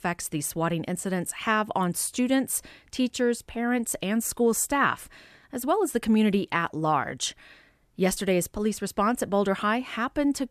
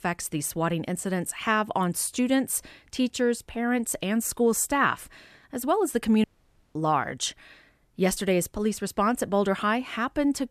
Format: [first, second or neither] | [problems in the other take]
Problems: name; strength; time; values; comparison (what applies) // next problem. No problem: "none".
first | audio cutting out; at 6 s for 0.5 s